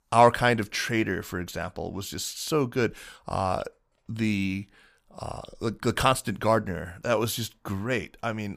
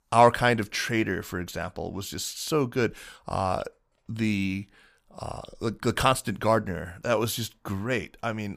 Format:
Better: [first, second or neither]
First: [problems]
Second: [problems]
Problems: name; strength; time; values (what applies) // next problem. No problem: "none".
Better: neither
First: none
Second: none